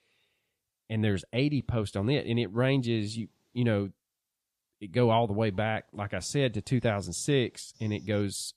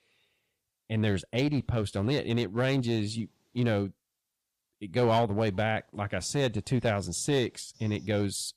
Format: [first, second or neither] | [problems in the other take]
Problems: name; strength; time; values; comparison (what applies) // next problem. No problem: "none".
first | distortion; slight; 5% of the sound clipped